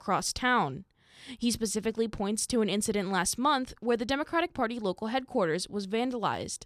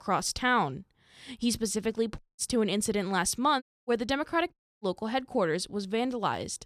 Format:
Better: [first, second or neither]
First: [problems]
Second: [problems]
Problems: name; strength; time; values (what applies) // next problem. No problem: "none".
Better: first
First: none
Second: audio cutting out; at 2 s, at 3.5 s and at 4.5 s